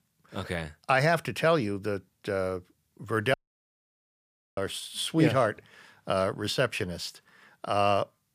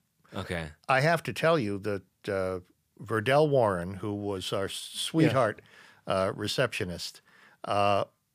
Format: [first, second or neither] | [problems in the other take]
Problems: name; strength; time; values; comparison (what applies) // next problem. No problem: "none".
second | audio cutting out; at 3.5 s for 1 s